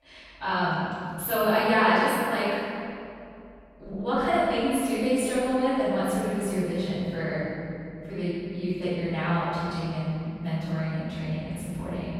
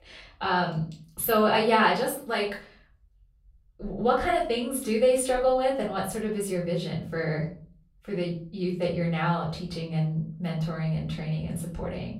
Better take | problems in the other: second | room echo; strong; dies away in 2.6 s; slight in the second // off-mic speech; far; far in the second

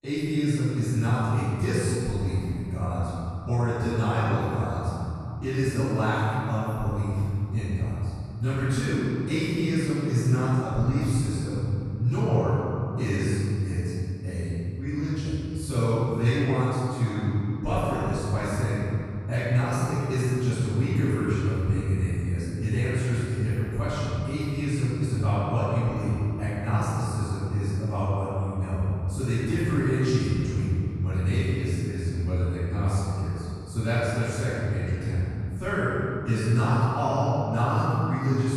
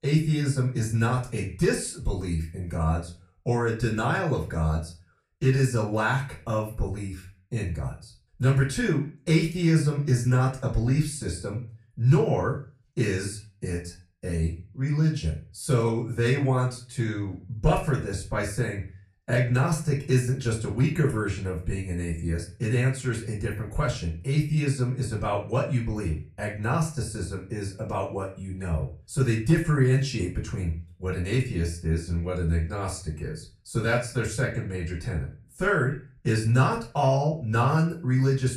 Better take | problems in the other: second | room echo; strong; dies away in 3 s; slight in the second // off-mic speech; far; far in the second

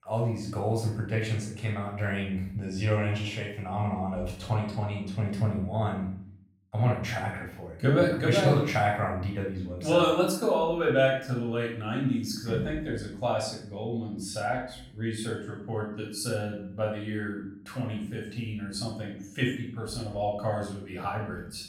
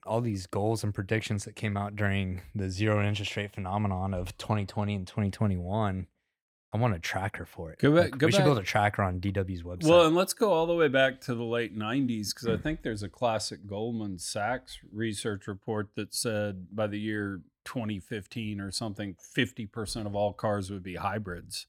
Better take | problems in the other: second | off-mic speech; far // room echo; noticeable; dies away in 0.5 s

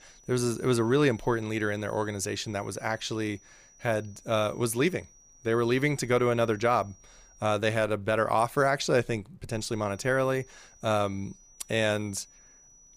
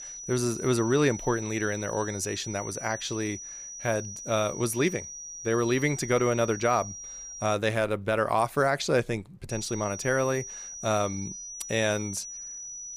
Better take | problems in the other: first | high-pitched whine; loud; until 7.5 s and from 9.5 s on; 6 kHz, 10 dB below the speech; faint in the first

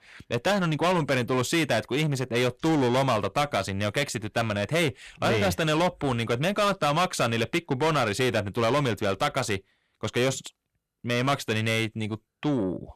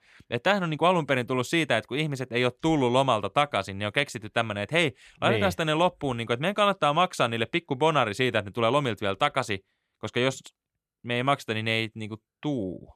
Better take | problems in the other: second | distortion; heavy; 7 dB below the speech

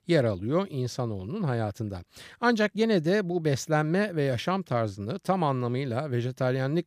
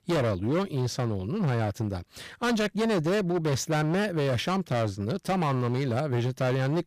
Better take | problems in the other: first | distortion; heavy; 23% of the sound clipped

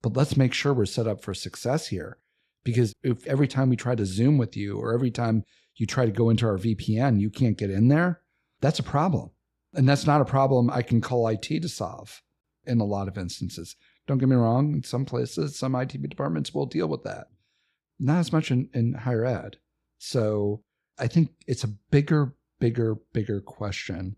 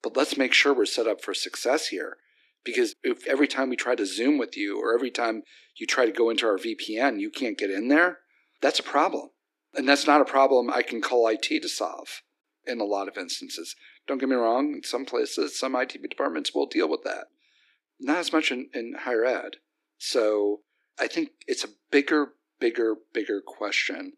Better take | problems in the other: first | thin; somewhat; fading below 300 Hz

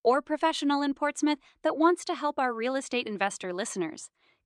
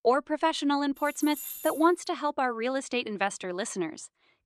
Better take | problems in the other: first | jangling keys; noticeable; at 1 s; peak 8 dB below the speech

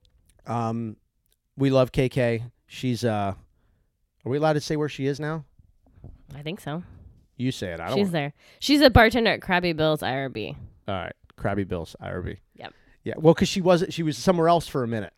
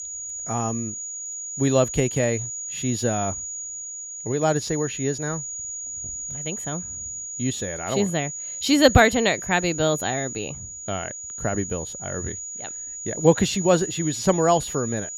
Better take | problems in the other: first | high-pitched whine; loud; throughout; 7 kHz, 7 dB below the speech

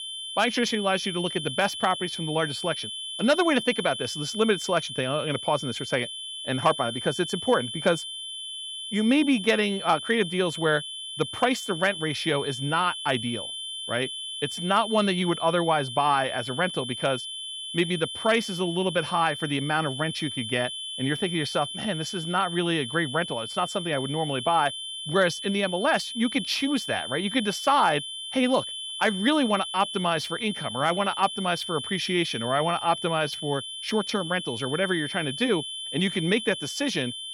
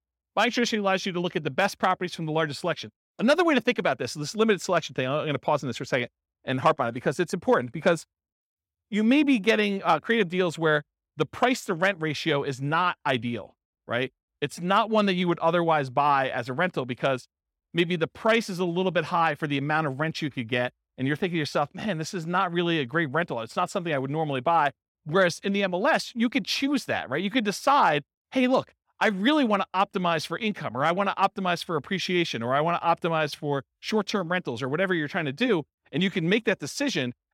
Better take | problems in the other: second | high-pitched whine; loud; throughout; 3 kHz, 7 dB below the speech

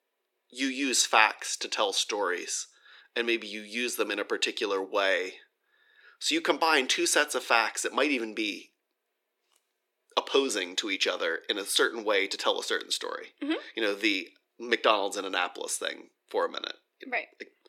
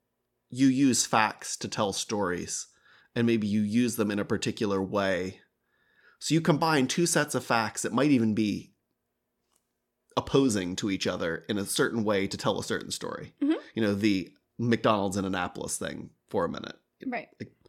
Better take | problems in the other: second | thin; somewhat; fading below 350 Hz

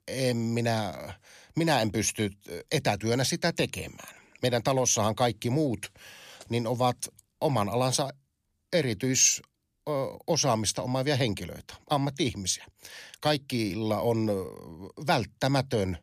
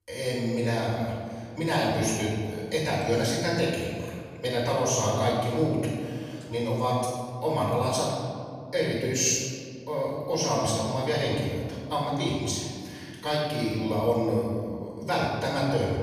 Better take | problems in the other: first | off-mic speech; far // room echo; strong; dies away in 1.9 s

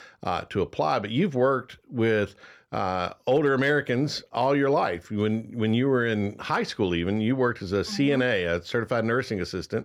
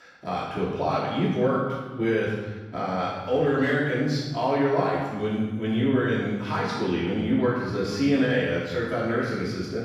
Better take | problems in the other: first | room echo; strong; dies away in 1.1 s // off-mic speech; far

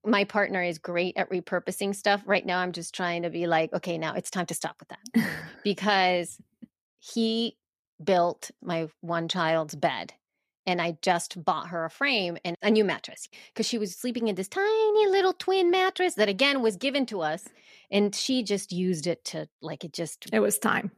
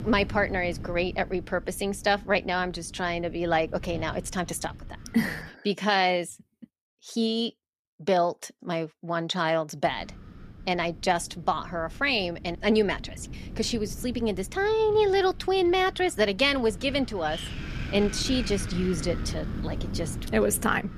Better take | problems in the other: first | wind noise on the microphone; occasional gusts; until 5.5 s and from 10 s on; 15 dB below the speech

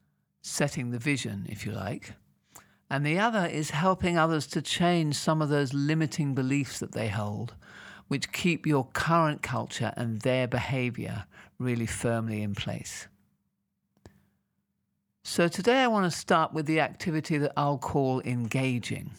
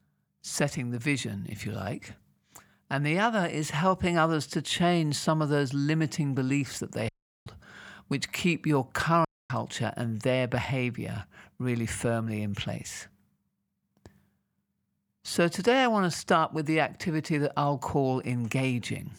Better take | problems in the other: first | audio cutting out; at 7 s and at 9.5 s

